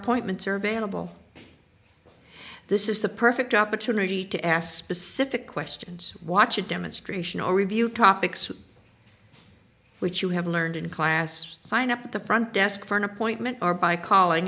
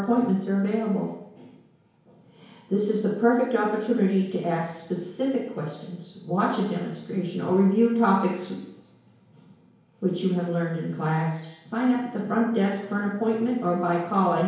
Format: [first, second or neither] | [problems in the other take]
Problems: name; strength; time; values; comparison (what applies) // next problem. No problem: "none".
first | room echo; dies away in 1 s